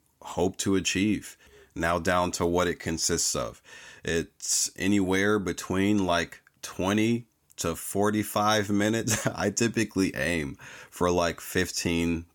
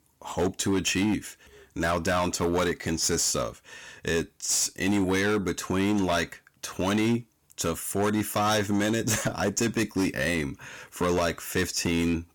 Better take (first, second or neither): first